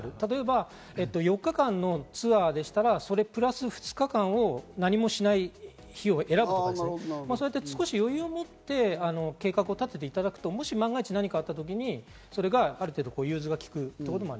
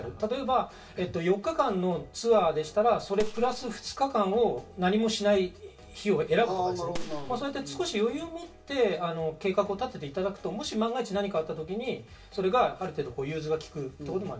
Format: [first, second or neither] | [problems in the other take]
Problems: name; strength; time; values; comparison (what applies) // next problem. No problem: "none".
first | background sound (Gunshot, gunfire); 11 dB below the speech // room echo; dies away in 0.2 s